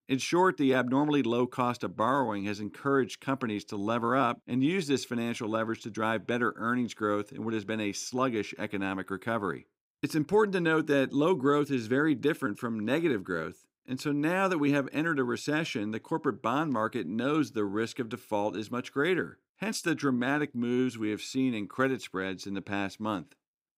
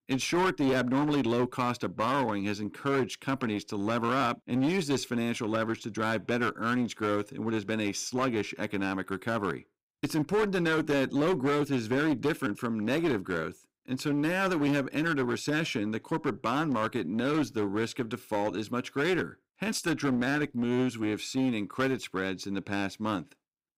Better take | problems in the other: first | distortion; slight; 12% of the sound clipped

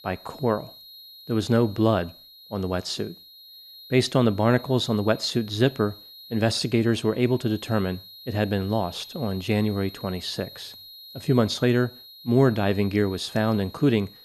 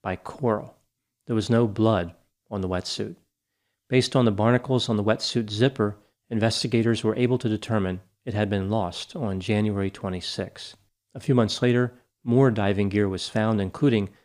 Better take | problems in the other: second | high-pitched whine; noticeable; throughout; 4 kHz, 20 dB below the speech

